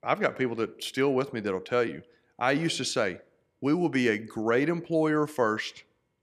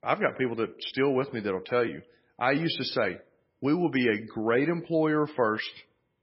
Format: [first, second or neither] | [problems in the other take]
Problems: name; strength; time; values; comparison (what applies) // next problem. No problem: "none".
first | garbled, watery; badly; nothing above 5.5 kHz